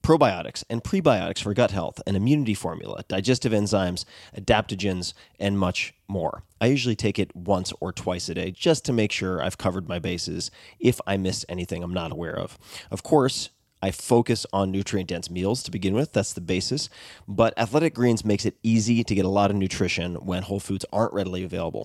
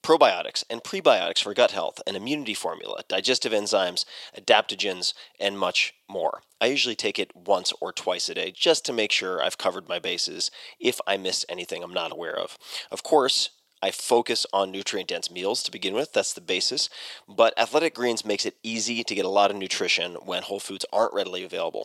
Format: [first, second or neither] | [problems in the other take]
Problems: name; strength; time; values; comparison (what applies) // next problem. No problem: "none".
first | thin; somewhat; fading below 550 Hz